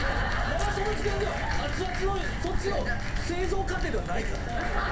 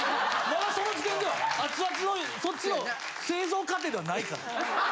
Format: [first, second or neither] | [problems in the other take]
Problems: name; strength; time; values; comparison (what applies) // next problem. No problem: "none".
second | background sound (Walk, footsteps); 2 dB above the speech // room echo; dies away in 0.3 s